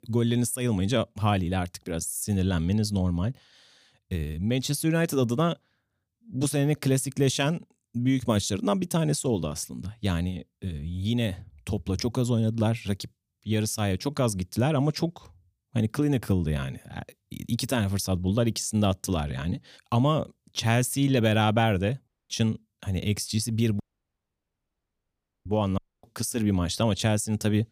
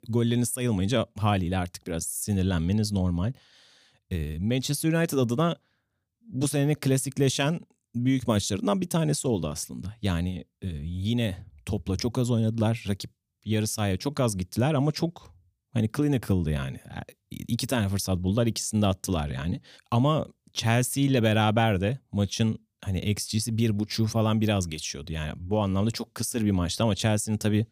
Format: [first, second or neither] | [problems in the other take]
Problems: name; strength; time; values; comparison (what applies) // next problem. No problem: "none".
second | audio cutting out; at 22 s, at 24 s for 1.5 s and at 26 s